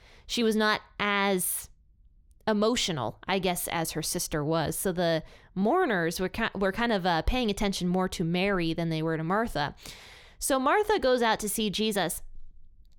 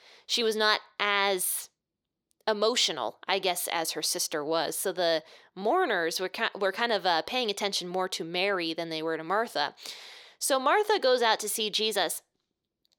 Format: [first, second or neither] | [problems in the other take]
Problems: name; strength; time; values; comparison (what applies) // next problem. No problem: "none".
first | thin; somewhat; fading below 450 Hz